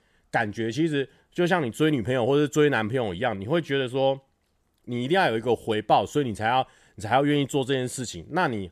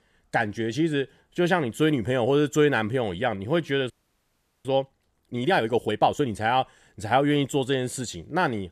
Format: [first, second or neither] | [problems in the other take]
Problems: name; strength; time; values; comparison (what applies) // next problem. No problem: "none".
first | audio freezing; at 4 s for 1 s